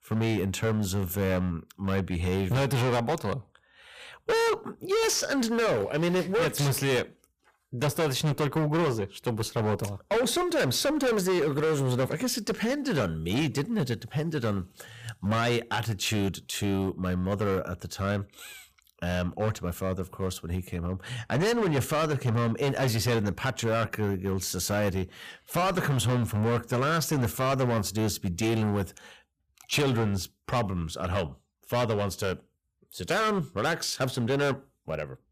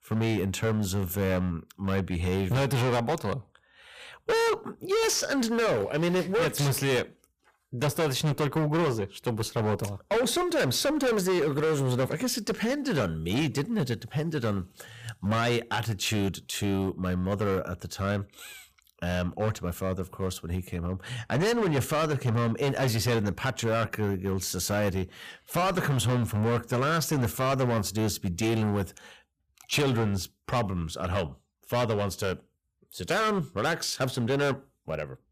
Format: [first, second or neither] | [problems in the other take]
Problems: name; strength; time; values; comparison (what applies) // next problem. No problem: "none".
neither | distortion; heavy; 16% of the sound clipped; the same in both